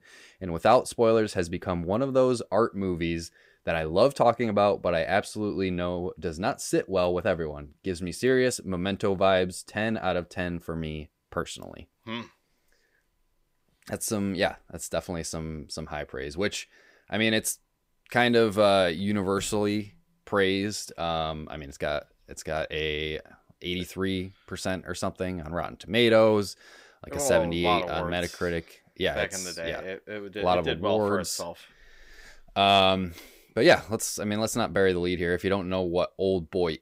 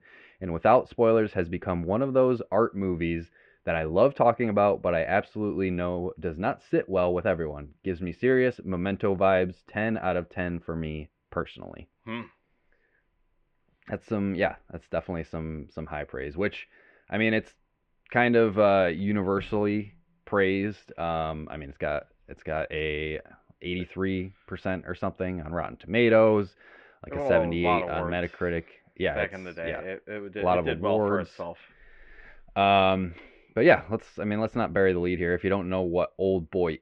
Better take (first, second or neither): first